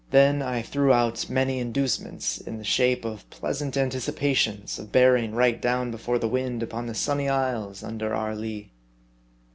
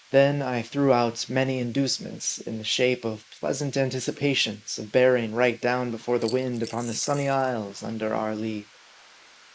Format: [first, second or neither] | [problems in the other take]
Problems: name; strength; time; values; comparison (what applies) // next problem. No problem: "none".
first | noise reduction (neural mask model Resemble Enhance denoiser)